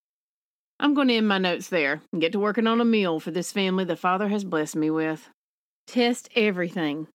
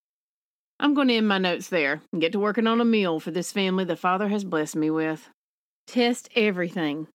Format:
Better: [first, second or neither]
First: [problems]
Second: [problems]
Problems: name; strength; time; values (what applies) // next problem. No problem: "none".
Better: neither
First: none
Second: none